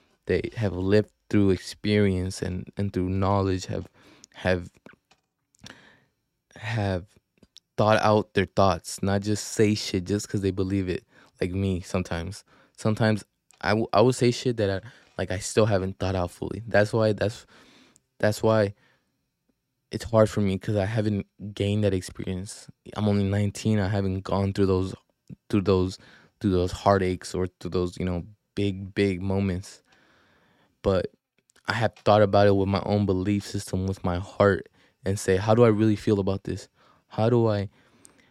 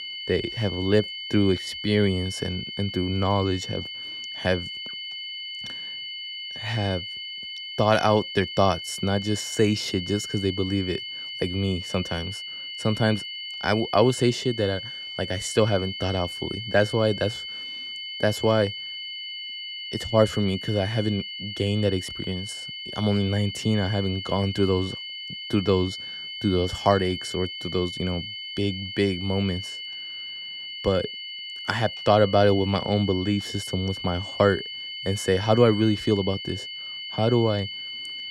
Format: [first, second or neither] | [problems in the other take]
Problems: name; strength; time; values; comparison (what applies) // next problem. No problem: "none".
first | high-pitched whine; loud; throughout; 3 kHz, 8 dB below the speech